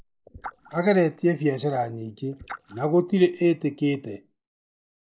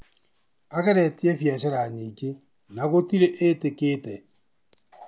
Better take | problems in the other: second | noise reduction (neural mask model Resemble Enhance denoiser)

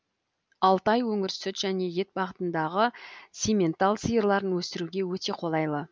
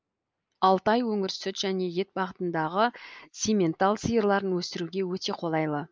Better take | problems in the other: first | noise reduction (neural mask model Resemble Enhance denoiser)

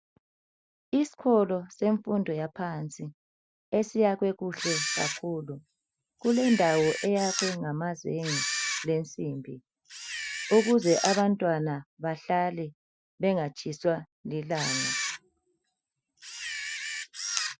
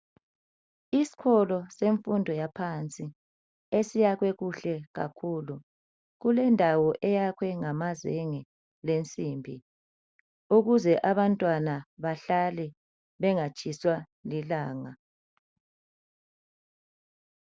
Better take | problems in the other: second | noise reduction (classical method Wiener filter)

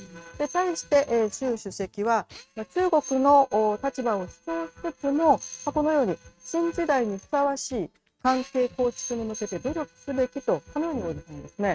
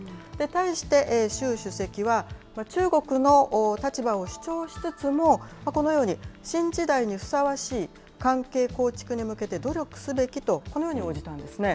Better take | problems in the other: second | noise reduction (neural mask model RNNoise)

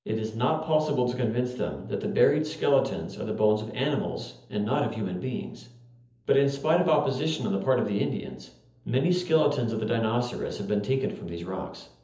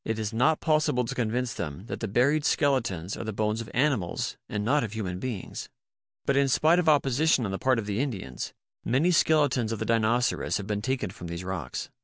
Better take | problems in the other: second | room echo; dies away in 0.7 s

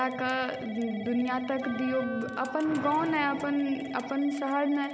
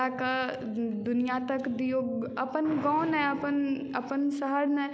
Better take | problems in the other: second | background sound (Telephone / Typing + Wind instrument, woodwind instrument); 13 dB below the speech

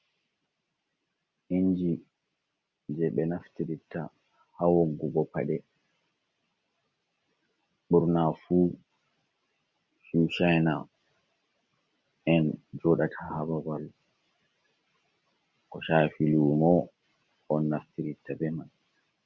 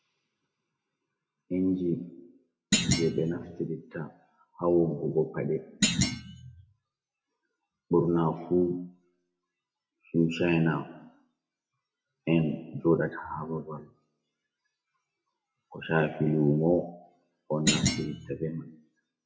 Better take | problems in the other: first | noise reduction (classical method WPE with log-MMSE)

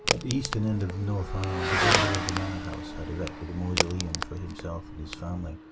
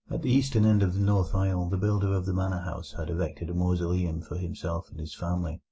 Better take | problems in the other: second | background sound (Motorcycle / Accelerating, revving, vroom + Crack); 1 dB above the speech

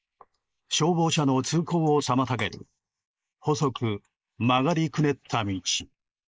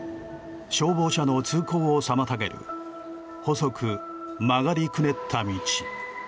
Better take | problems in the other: second | noise reduction (neural mask model Resemble Enhance denoiser)

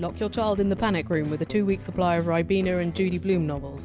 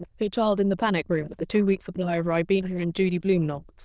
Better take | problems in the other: first | noise reduction (neural diffusion model UNIVERSE++)

